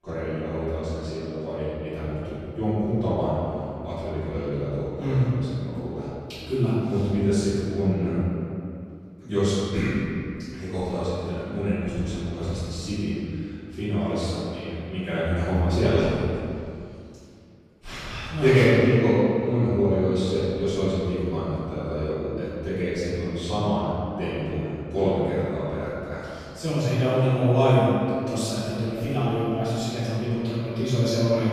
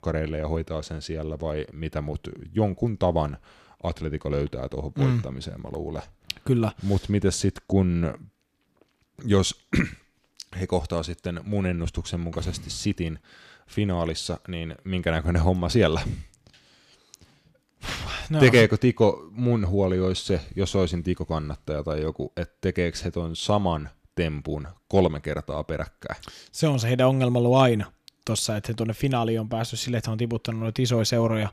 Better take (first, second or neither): second